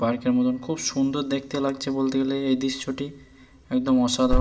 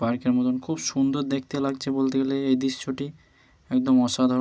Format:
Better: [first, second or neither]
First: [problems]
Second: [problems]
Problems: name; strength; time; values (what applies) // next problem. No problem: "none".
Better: second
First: background sound (Alarm); 8 dB below the speech // room echo; dies away in 1.1 s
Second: none